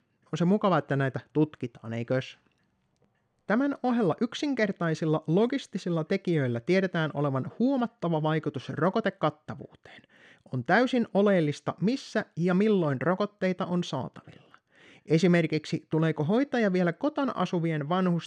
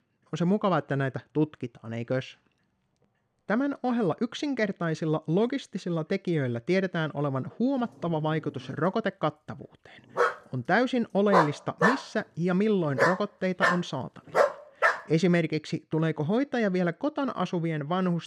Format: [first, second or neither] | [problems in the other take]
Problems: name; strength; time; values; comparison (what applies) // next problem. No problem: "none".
first | dog barking; loud; from 10 to 15 s; peak 3 dB above the speech